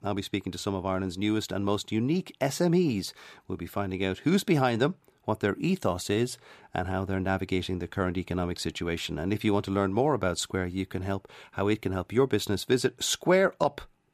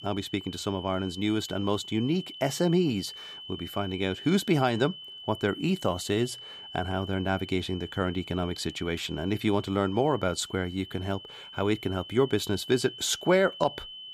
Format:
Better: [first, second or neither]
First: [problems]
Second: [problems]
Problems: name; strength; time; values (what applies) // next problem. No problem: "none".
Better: first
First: none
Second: high-pitched whine; noticeable; throughout; 3 kHz, 15 dB below the speech